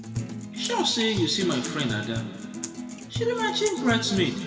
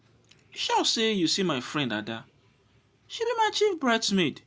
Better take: second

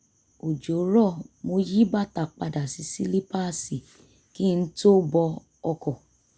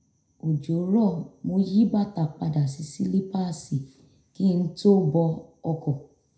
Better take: first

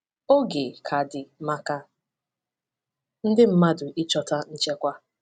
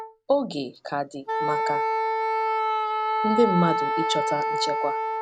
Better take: first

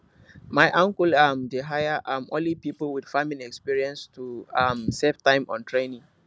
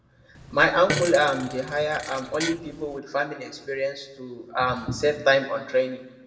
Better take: first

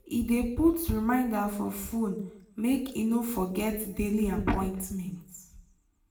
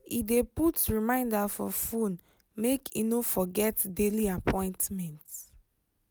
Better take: second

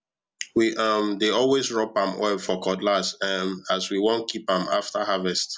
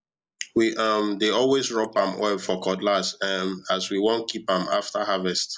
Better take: first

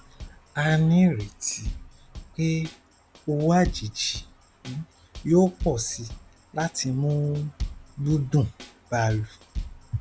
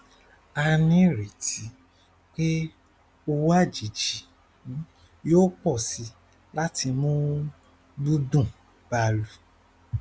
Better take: second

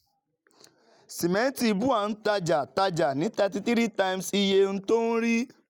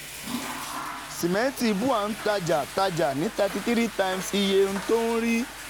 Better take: first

